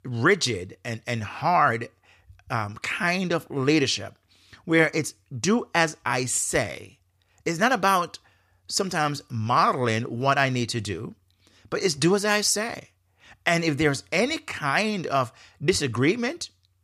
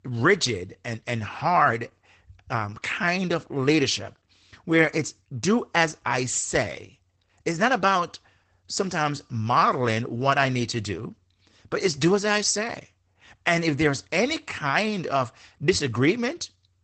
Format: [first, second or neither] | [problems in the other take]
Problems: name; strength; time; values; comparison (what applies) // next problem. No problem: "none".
first | garbled, watery; badly; nothing above 8 kHz